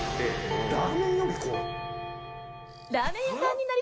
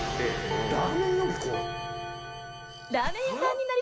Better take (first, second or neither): first